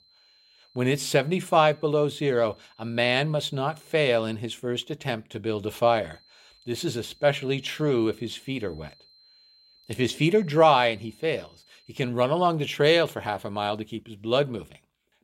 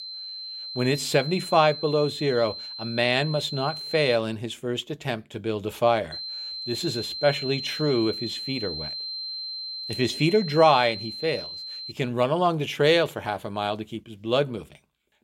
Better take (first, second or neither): first